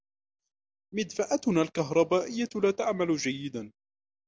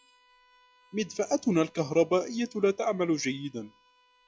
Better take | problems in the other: first | noise reduction (classical method log-MMSE)

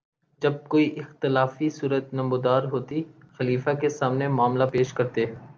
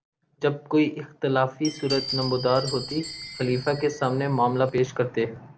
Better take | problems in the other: first | background sound (Glass); 11 dB below the speech

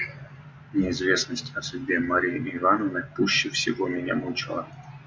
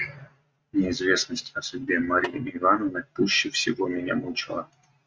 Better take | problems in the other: first | noise reduction (neural mask model RNNoise)

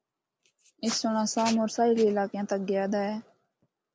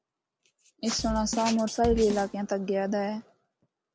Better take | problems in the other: first | background sound (Drum kit); 9 dB below the speech

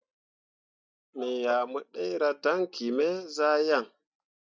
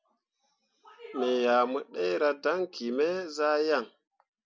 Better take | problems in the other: second | noise reduction (neural mask model DeepFilterNet 3)

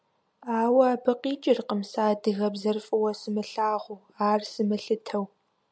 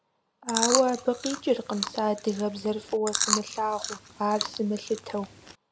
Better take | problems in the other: first | background sound (Chewing, mastication); 4 dB below the speech

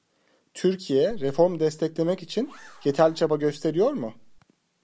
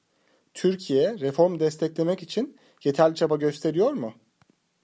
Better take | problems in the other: second | background sound (Zipper (clothing)); 17 dB below the speech

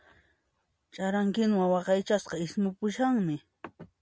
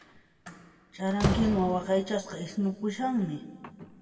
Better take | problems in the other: first | background sound (Slam); 7 dB below the speech // room echo; dies away in 1.8 s

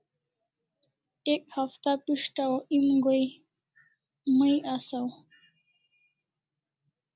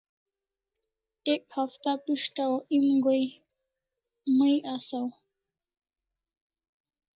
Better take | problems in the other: first | noise reduction (neural mask model DeepFilterNet 3)

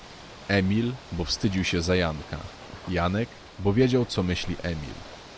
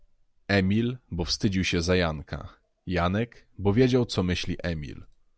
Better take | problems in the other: second | background sound (Ocean / Boat, Water vehicle); 17 dB below the speech

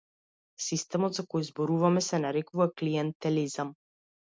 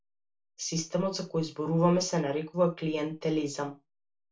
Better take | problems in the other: first | room echo; dies away in 0.3 s

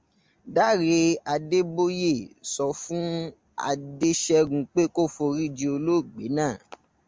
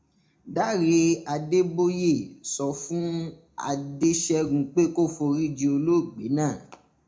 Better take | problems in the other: first | room echo; dies away in 0.3 s

